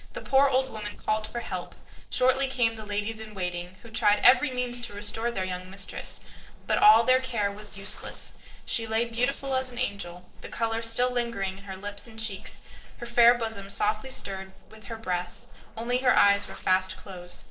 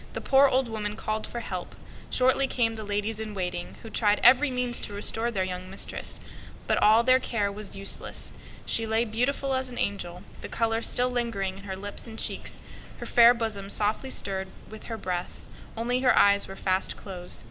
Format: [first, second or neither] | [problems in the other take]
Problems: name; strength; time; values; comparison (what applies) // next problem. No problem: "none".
second | noise reduction (neural separator model SepFormer DNS4)